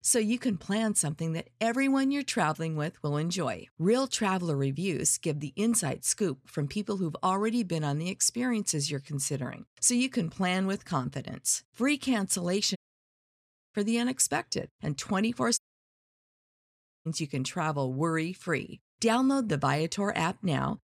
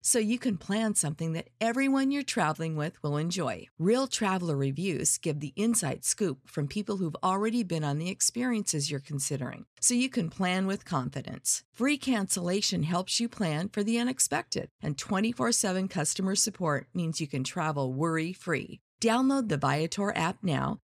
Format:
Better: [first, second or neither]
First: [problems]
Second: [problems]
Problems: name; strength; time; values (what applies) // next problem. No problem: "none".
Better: second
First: audio cutting out; at 13 s for 1 s and at 16 s for 1.5 s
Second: none